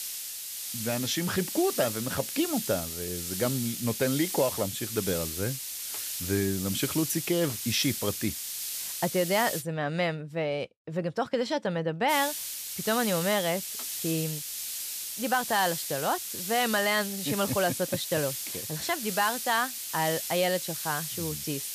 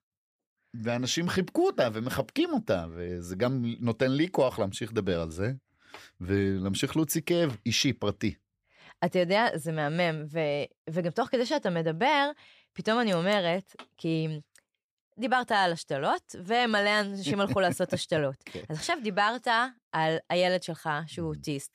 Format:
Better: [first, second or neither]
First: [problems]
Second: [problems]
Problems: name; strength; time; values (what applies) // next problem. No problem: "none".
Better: second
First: hiss; loud; until 9.5 s and from 12 s on; 3 dB below the speech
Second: none